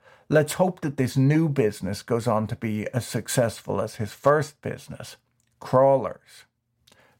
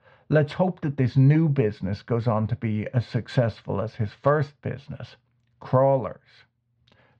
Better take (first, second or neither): first